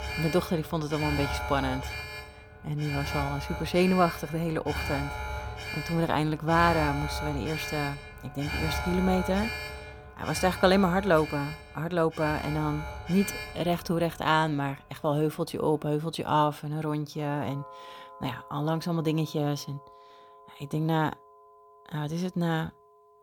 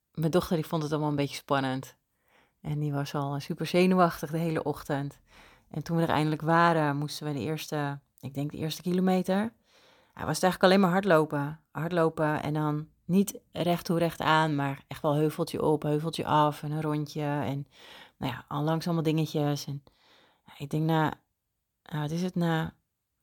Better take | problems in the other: second | alarms or sirens; loud; throughout; 7 dB below the speech

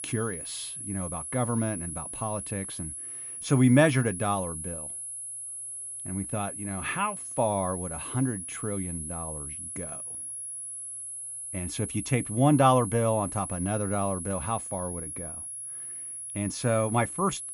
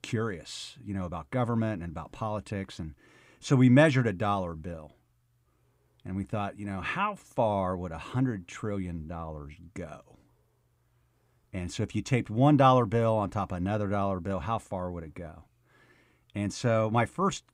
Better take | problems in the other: second | high-pitched whine; loud; throughout; 10.5 kHz, 7 dB below the speech

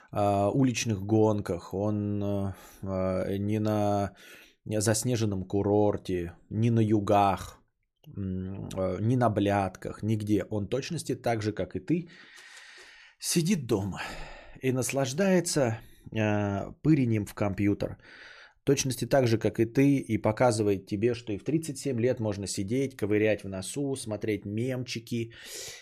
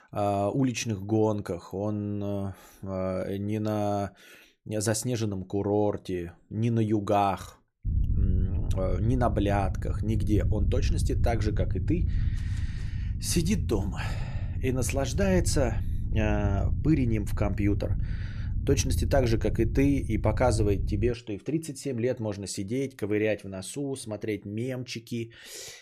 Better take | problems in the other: first | low rumble; noticeable; from 8 to 21 s; 15 dB below the speech

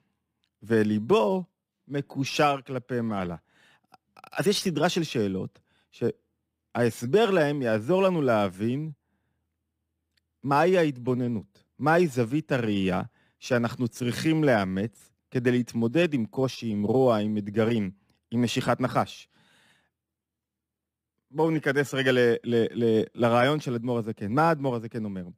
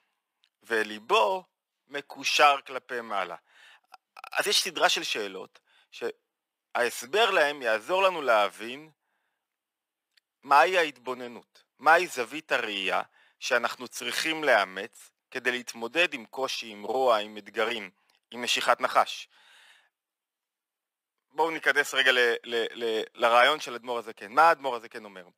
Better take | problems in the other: first | thin; very; fading below 850 Hz

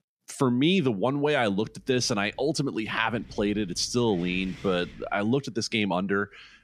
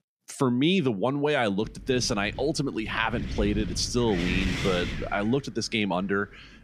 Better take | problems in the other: first | wind noise on the microphone; heavy; from 1.5 s on; 7 dB below the speech; occasional gusts in the first

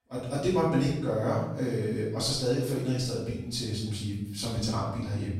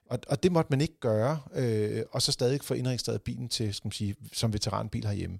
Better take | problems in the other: second | off-mic speech; far // room echo; noticeable; dies away in 0.7 s

